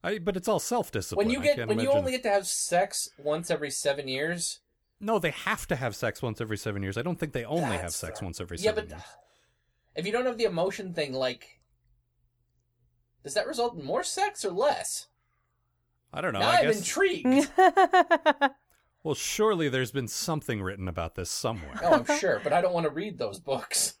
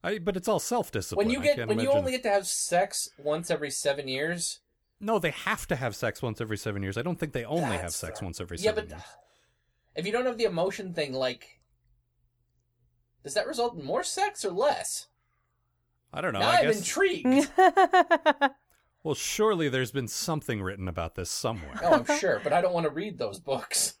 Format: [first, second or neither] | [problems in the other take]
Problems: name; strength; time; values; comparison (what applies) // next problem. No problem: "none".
neither | none